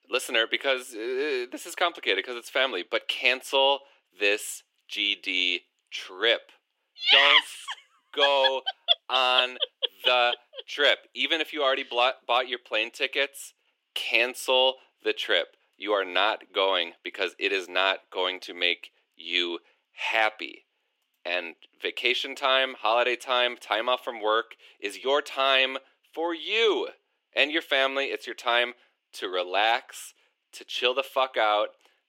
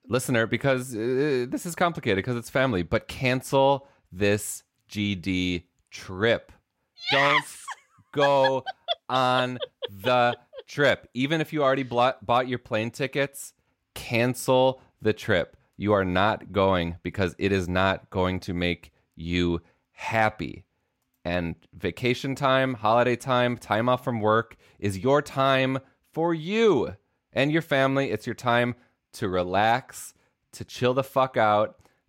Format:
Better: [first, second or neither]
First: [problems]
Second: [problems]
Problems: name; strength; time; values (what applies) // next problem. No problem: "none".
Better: second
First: thin; very; fading below 350 Hz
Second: none